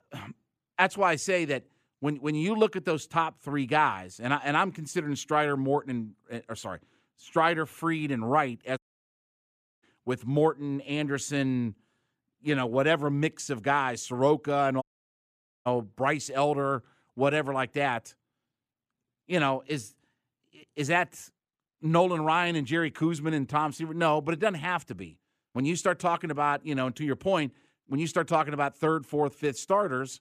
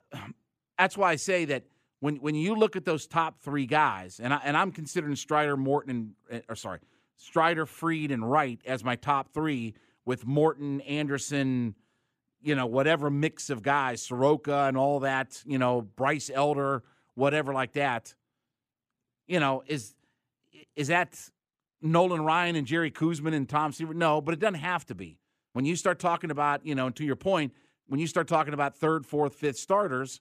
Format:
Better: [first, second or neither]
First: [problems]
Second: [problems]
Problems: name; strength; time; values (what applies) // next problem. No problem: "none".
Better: second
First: audio cutting out; at 9 s for 1 s and at 15 s for 1 s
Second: none